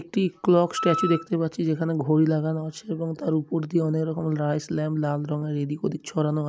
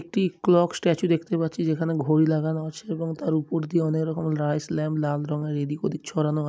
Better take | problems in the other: second | background sound (Wind instrument, woodwind instrument); 9 dB below the speech

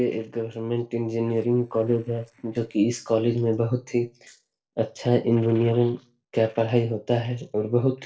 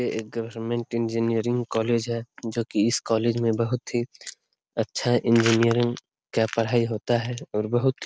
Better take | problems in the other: second | noise reduction (neural separator model SepFormer DNS4)

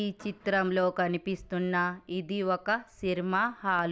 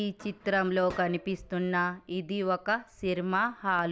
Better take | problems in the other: first | background sound (Gunshot, gunfire); 19 dB below the speech

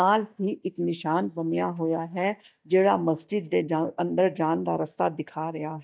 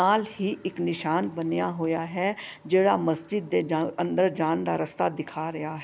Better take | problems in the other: second | noise reduction (neural mask model DeepFilterNet 3)

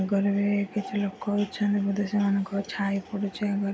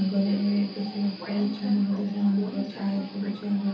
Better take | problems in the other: first | background sound (Subway, metro, underground); 13 dB below the speech // room echo; dies away in 1.2 s

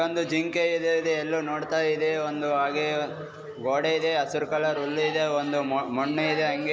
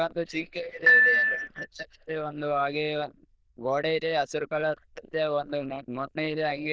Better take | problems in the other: first | noise reduction (neural diffusion model UNIVERSE++)

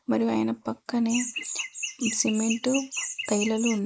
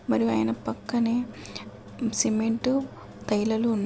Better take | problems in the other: second | noise reduction (neural mask model Resemble Enhance denoiser)

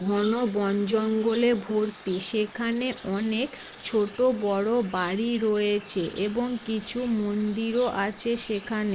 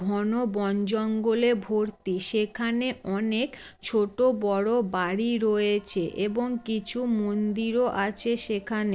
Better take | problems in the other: second | noise reduction (neural mask model Resemble Enhance denoiser)

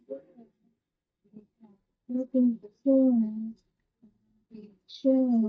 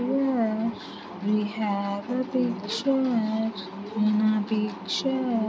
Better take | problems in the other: second | noise reduction (neural mask model DeepFilterNet 3)

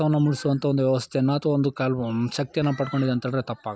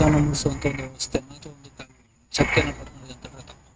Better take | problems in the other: first | noise reduction (neural mask model RNNoise)

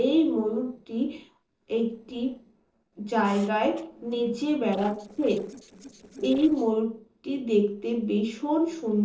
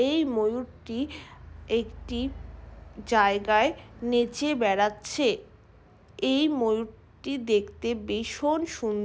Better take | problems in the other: second | noise reduction (neural separator model SepFormer DNS4)

